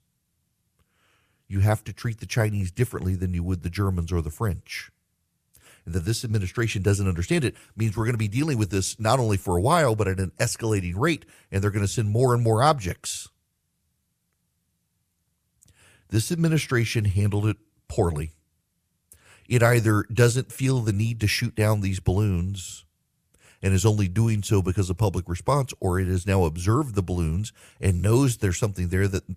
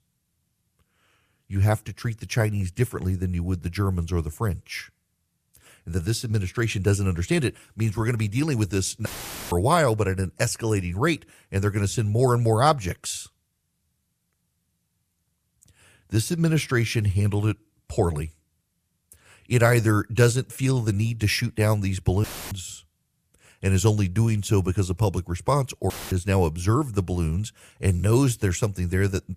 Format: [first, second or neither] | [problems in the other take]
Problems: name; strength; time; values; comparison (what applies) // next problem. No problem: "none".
first | audio cutting out; filled with static; at 9 s, at 22 s and at 26 s